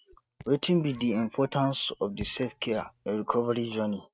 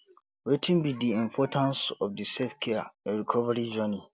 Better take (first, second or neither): second